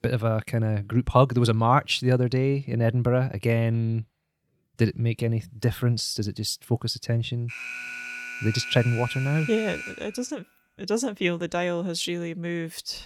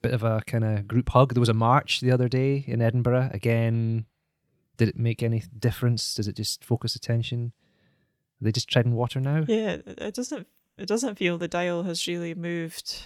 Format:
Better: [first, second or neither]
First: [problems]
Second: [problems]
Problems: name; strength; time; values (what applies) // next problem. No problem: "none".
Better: second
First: alarm; noticeable; from 7.5 to 10 s; peak 8 dB below the speech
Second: none